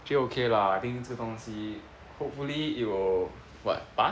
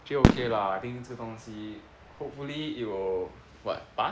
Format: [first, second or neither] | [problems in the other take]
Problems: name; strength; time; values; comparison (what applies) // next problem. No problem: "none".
first | background sound (Fireworks); 3 dB above the speech